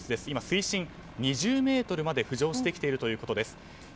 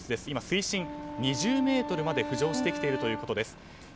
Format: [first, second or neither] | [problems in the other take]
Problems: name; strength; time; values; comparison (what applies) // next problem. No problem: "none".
first | background sound (Wind instrument, woodwind instrument); 7 dB below the speech